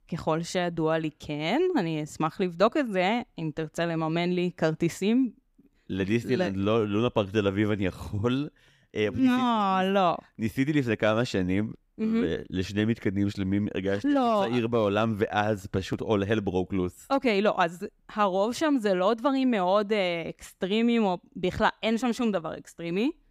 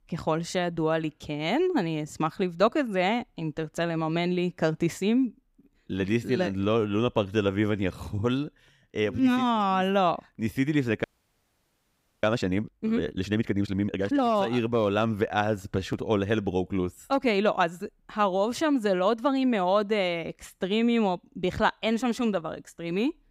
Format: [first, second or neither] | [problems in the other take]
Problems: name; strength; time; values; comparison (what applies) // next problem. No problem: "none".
first | audio freezing; at 11 s for 1 s